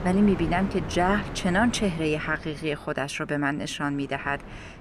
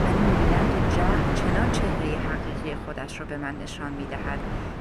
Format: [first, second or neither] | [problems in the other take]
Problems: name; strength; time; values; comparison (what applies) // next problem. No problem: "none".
first | wind noise on the microphone; heavy; 4 dB above the speech; occasional gusts in the first